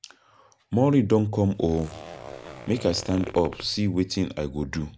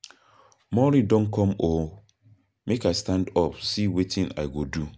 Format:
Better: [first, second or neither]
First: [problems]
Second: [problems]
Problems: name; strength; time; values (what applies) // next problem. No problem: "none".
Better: second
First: background sound (Zipper (clothing)); 16 dB below the speech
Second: none